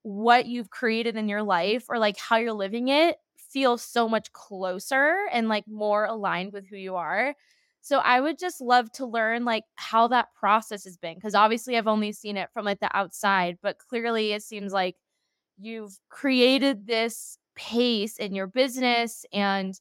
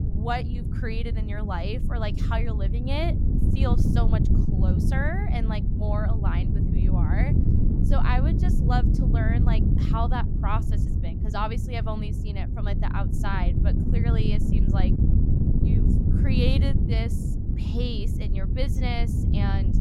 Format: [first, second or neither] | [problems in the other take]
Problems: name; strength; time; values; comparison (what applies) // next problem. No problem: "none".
first | wind noise on the microphone; heavy; 3 dB below the speech